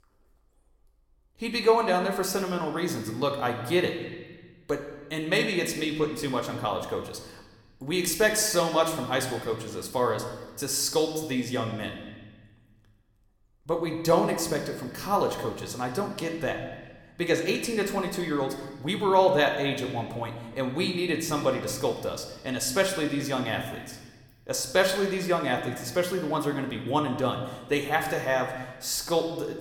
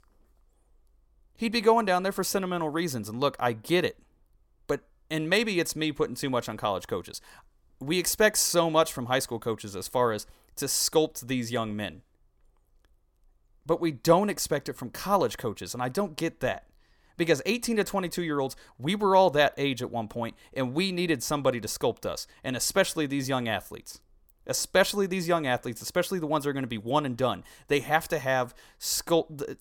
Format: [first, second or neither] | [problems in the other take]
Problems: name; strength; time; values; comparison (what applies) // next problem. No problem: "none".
second | room echo; slight; dies away in 1.2 s